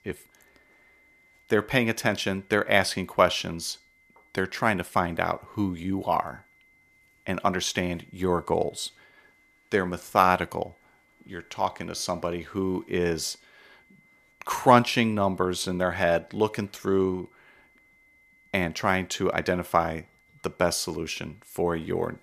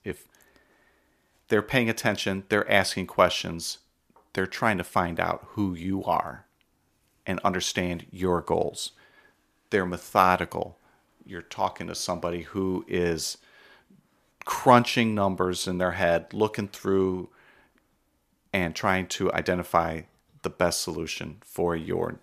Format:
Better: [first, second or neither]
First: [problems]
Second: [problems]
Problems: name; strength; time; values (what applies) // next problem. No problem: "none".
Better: second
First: high-pitched whine; faint; throughout; 2 kHz, 35 dB below the speech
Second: none